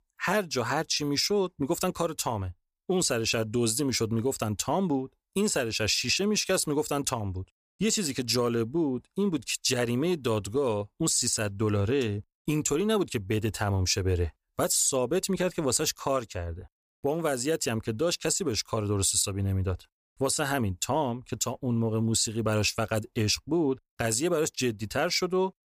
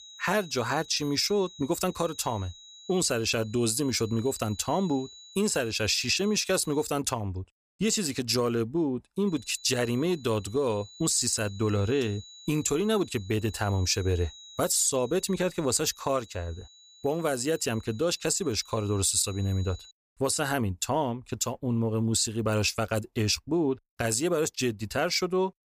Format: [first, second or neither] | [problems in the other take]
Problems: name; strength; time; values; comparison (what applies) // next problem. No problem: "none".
first | high-pitched whine; faint; until 7 s and from 9.5 to 20 s; 4 kHz, 20 dB below the speech